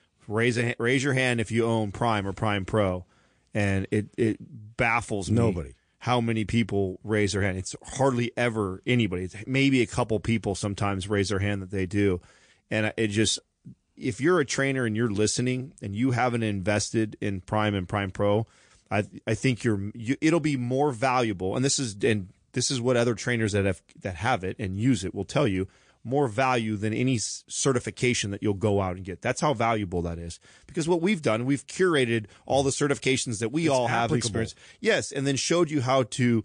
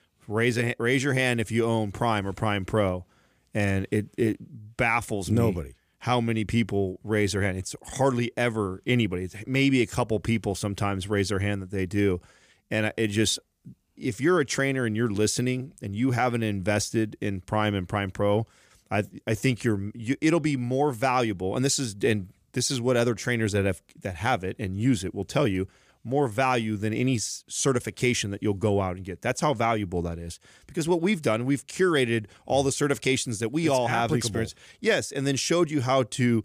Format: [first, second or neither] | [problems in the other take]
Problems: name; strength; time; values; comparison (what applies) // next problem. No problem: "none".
second | garbled, watery; slightly; nothing above 9.5 kHz